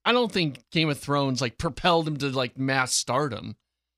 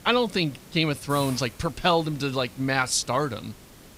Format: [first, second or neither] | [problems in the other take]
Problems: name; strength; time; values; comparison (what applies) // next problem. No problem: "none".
first | hiss; noticeable; throughout; 20 dB below the speech